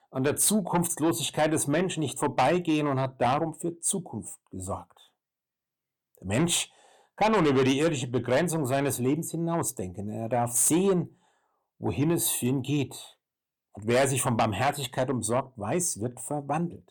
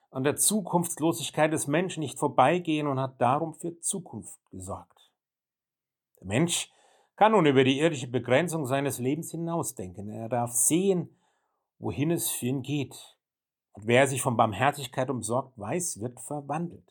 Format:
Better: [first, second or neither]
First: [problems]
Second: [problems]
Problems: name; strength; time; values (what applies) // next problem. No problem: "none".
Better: second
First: distortion; heavy; 8 dB below the speech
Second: none